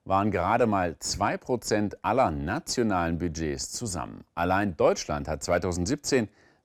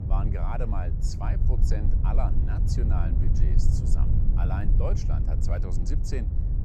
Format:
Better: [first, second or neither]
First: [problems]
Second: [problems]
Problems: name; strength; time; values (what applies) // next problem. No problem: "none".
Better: first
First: none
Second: low rumble; loud; throughout; 3 dB below the speech